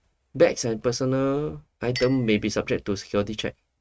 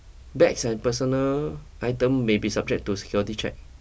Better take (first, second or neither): second